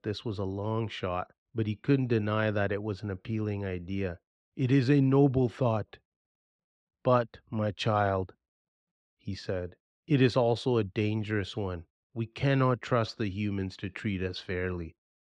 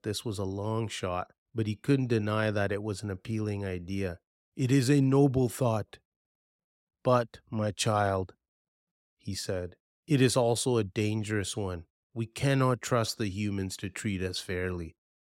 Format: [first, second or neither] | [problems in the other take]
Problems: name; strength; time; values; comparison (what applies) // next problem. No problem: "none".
second | muffled; slightly; fading above 3.5 kHz